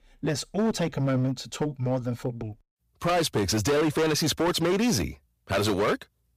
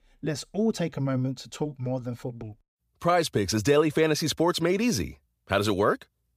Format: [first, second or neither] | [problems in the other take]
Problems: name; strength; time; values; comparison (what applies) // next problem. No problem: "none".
second | distortion; heavy; 15% of the sound clipped